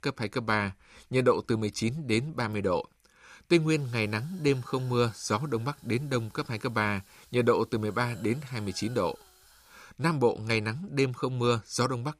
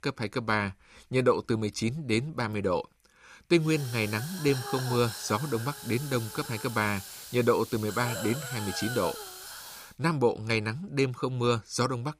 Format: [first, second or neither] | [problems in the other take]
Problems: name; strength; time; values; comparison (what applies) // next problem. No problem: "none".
first | hiss; loud; from 3.5 to 10 s; 10 dB below the speech; faint in the first